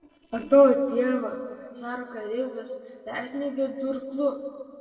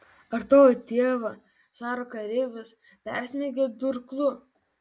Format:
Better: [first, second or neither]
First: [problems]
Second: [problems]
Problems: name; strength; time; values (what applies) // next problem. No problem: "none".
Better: second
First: noise reduction (neural separator model SepFormer DNS4)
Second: none